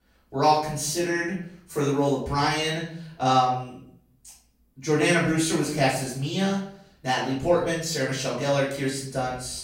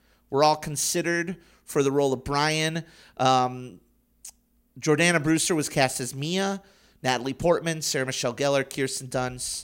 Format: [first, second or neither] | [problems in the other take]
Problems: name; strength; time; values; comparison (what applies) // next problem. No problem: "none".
second | off-mic speech; far // room echo; noticeable; dies away in 0.5 s